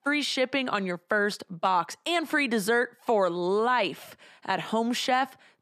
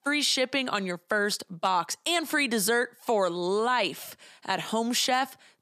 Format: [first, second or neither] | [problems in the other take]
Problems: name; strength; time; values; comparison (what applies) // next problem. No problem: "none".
second | muffled; very slightly; fading above 3.5 kHz